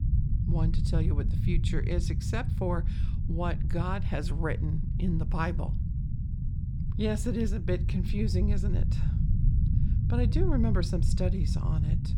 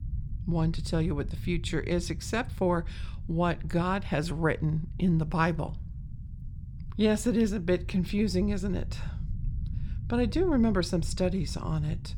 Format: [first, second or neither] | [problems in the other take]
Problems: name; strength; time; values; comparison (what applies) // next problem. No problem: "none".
second | low rumble; loud; throughout; 7 dB below the speech; faint in the second